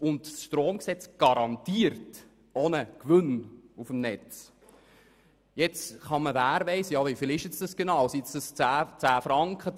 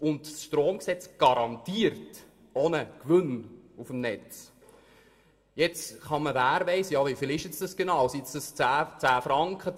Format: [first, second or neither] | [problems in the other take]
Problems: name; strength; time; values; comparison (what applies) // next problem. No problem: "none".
first | room echo; dies away in 0.8 s